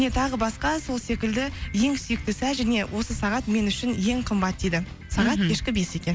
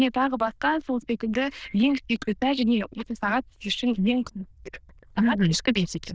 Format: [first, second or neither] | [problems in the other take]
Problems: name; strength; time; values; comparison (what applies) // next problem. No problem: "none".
first | noise reduction (neural diffusion model UNIVERSE++)